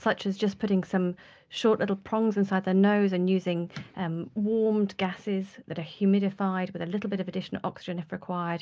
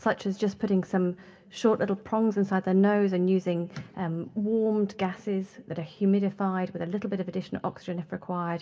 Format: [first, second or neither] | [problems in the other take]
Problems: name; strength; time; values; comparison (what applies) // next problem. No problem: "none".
first | room echo; dies away in 1.1 s